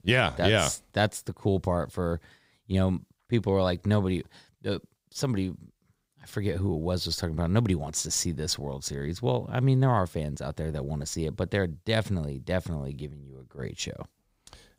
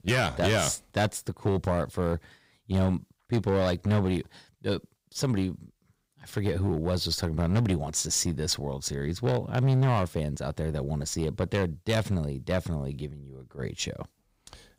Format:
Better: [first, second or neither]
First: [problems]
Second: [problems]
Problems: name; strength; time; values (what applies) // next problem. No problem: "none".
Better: first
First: none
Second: distortion; slight; 4% of the sound clipped